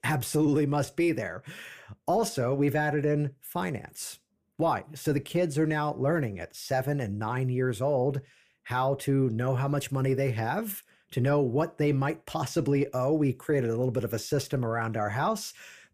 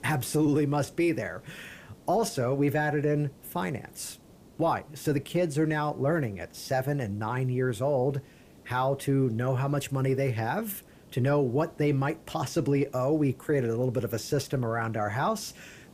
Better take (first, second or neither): first